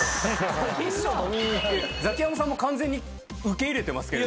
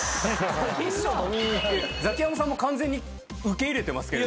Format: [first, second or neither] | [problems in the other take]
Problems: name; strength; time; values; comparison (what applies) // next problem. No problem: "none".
second | background sound (Piano); 15 dB below the speech